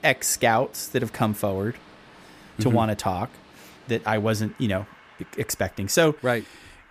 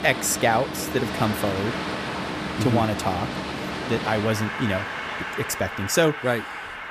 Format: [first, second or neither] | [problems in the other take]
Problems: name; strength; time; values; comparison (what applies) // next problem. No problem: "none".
first | train or aircraft noise; loud; throughout; 5 dB below the speech; faint in the first